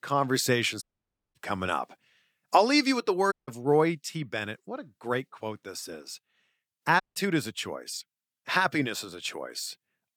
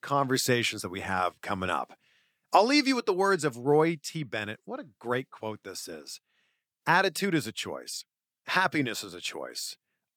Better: second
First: audio cutting out; at 1 s for 0.5 s, at 3.5 s and at 7 s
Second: none

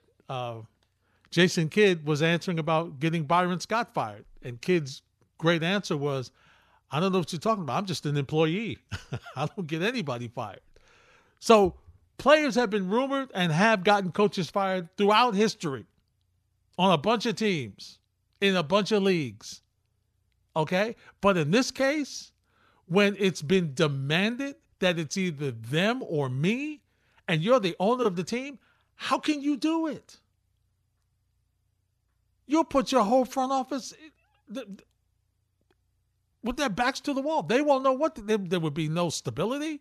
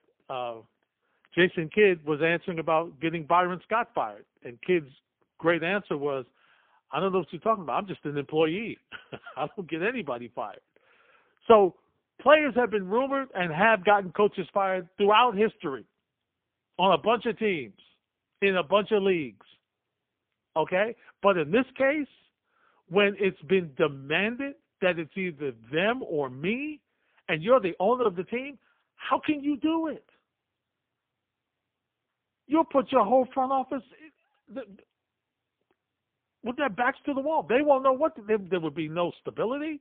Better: first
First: none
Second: phone-call audio; poor line; nothing above 3.5 kHz

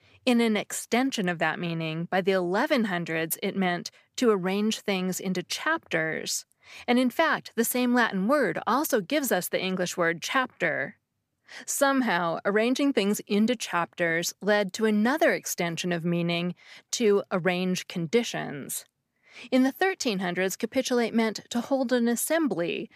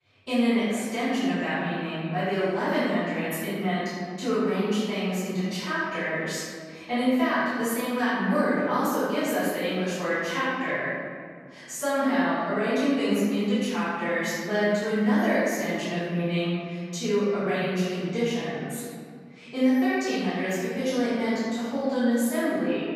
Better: first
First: none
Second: off-mic speech; far // room echo; strong; dies away in 2 s

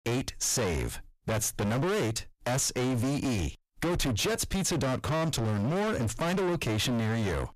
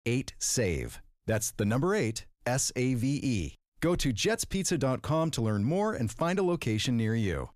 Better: second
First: distortion; heavy; 40% of the sound clipped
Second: none

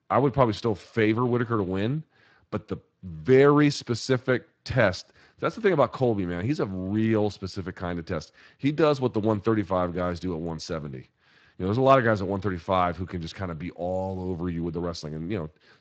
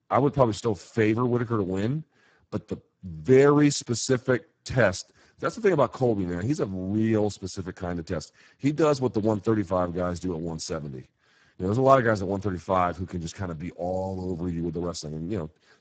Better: first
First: garbled, watery; slightly; nothing above 7.5 kHz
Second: garbled, watery; badly; nothing above 8 kHz

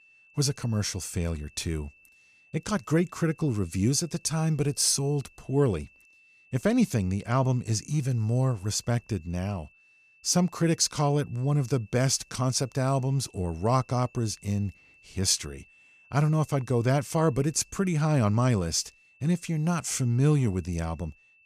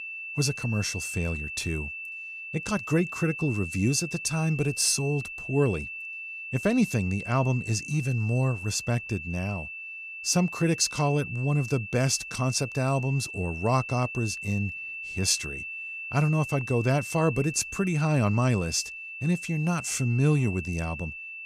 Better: first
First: high-pitched whine; faint; throughout; 2.5 kHz, 30 dB below the speech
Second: high-pitched whine; loud; throughout; 2.5 kHz, 8 dB below the speech

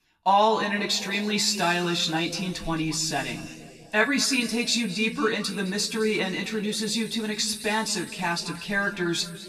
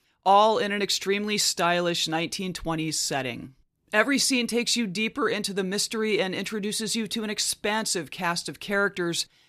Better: second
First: room echo; noticeable; dies away in 2 s // off-mic speech; far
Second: none

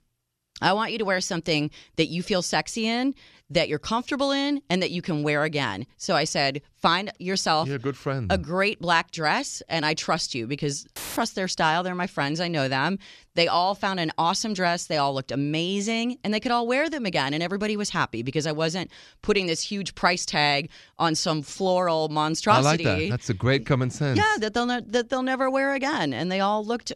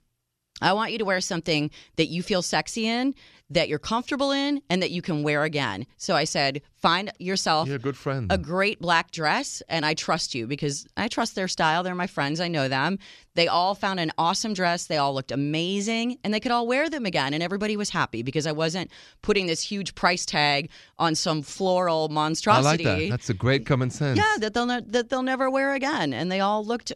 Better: second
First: audio cutting out; filled with static; at 11 s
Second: none

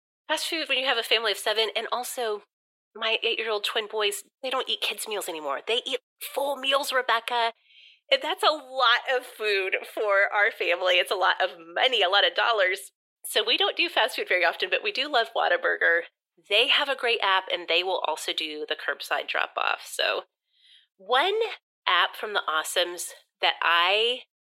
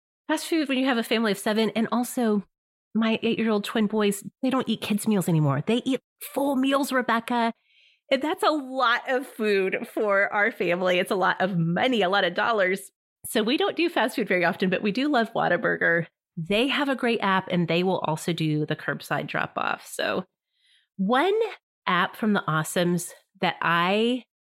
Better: second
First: thin; very; fading below 400 Hz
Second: none

